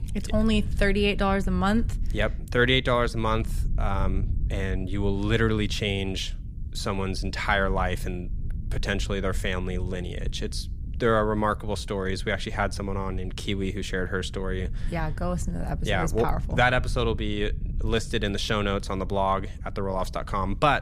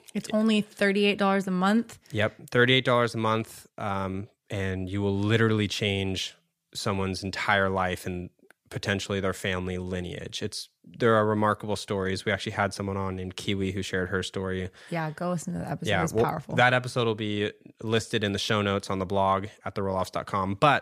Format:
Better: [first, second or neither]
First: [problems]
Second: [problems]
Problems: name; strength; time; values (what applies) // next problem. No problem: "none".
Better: second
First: low rumble; faint; throughout; 25 dB below the speech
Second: none